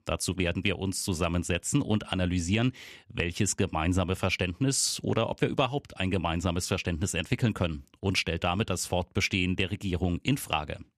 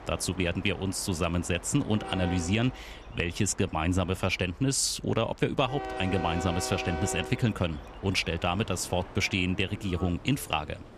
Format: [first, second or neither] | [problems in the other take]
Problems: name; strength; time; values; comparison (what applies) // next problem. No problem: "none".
first | train or aircraft noise; noticeable; throughout; 10 dB below the speech